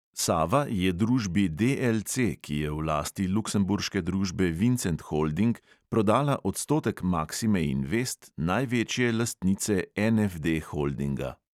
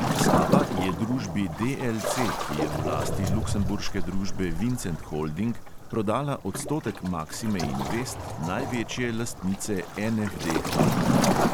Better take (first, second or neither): first